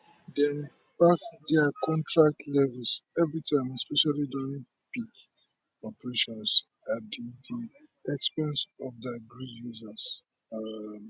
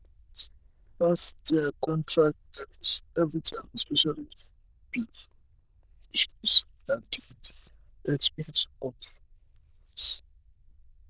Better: first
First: none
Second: noise reduction (neural diffusion model UNIVERSE++)

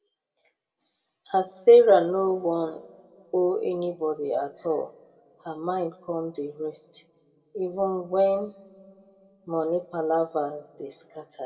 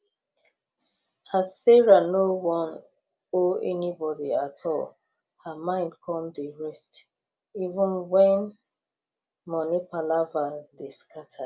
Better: second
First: room echo; dies away in 1.2 s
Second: none

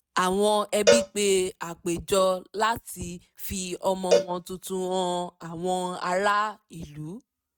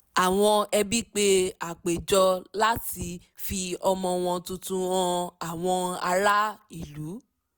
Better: second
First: noise reduction (neural mask model RNNoise)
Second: none

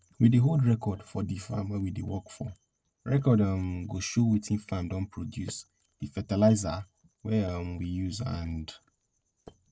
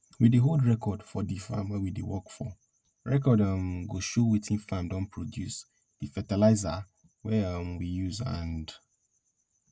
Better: second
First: noise reduction (neural separator model SepFormer DNS4)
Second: none

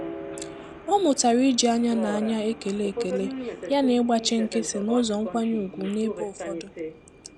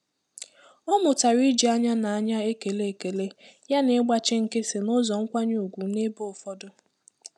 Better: second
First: background sound (Subway, metro, underground); 10 dB below the speech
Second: none

